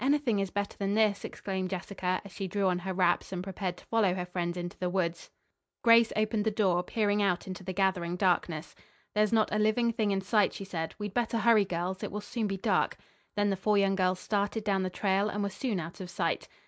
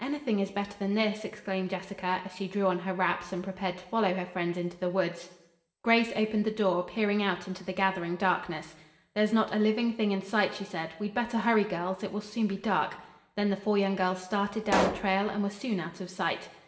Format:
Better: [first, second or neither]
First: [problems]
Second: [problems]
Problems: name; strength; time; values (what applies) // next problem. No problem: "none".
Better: first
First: none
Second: background sound (Explosion); 3 dB below the speech // room echo; dies away in 0.8 s